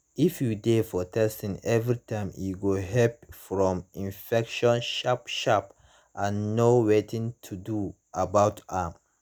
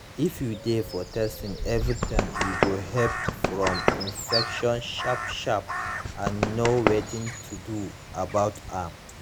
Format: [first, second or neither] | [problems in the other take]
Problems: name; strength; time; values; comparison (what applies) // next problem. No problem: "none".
first | background sound (Run + Crow); 2 dB below the speech